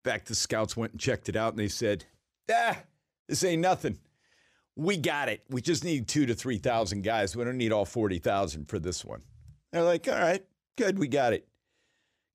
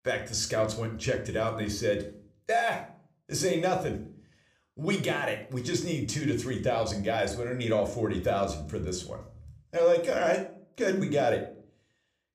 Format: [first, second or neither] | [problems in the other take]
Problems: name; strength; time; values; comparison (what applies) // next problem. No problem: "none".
first | room echo; slight; dies away in 0.4 s